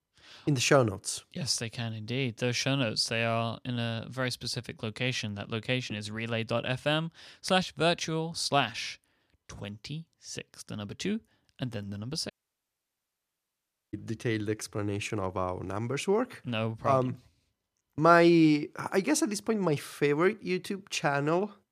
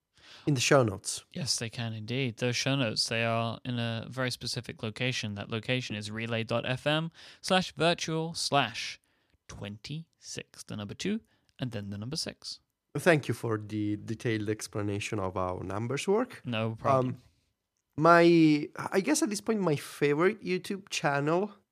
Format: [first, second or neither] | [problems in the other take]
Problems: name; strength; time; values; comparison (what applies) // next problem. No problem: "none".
second | audio cutting out; at 12 s for 1.5 s